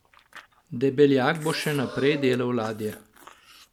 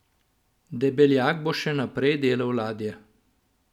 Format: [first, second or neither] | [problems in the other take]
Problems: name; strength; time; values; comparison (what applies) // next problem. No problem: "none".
second | background sound (Chewing, mastication + Breathing); 18 dB below the speech